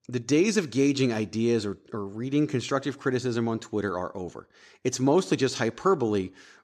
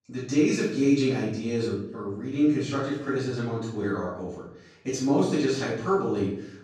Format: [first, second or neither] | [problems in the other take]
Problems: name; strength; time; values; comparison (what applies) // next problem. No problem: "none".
first | off-mic speech; far // room echo; noticeable; dies away in 0.6 s